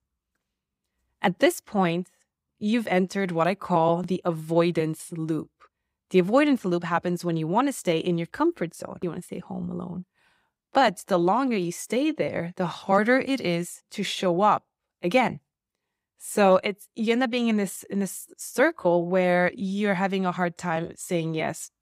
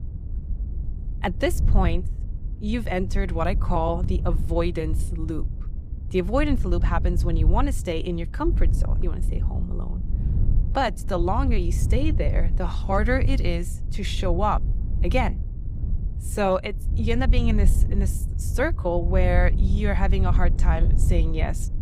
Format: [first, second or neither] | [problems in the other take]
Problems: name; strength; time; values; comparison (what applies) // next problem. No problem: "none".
first | wind noise on the microphone; occasional gusts; 15 dB below the speech